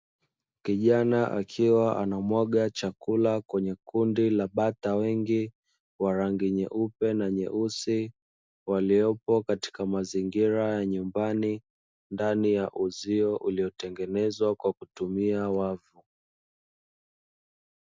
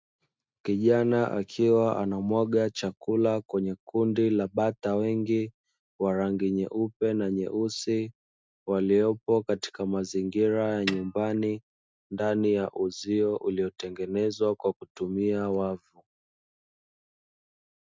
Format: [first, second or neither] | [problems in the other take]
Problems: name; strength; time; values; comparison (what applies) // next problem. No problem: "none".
first | noise reduction (neural mask model RNNoise)